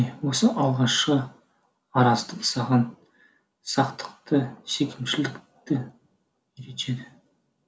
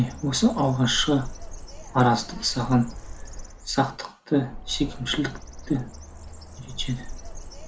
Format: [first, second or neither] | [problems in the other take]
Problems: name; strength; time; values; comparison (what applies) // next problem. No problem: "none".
first | background sound (Bird); 11 dB below the speech